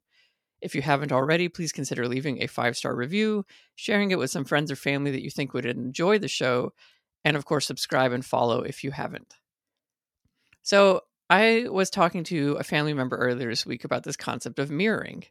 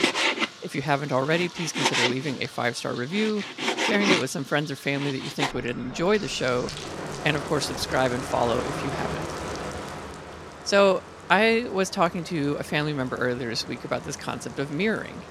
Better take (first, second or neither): first